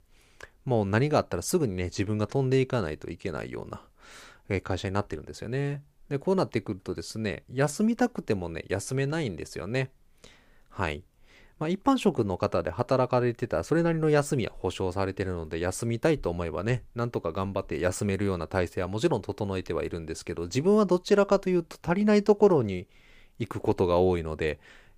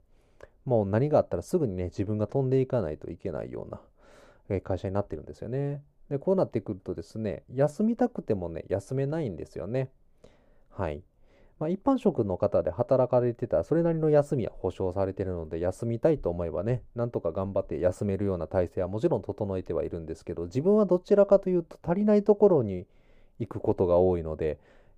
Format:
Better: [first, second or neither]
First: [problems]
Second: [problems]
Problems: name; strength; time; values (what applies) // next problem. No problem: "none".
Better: first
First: none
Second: muffled; very; fading above 1 kHz